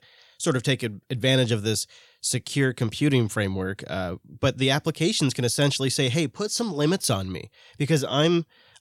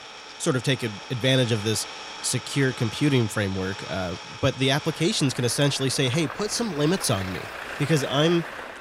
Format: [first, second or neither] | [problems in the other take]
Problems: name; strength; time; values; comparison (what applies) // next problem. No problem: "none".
first | traffic noise; noticeable; throughout; 10 dB below the speech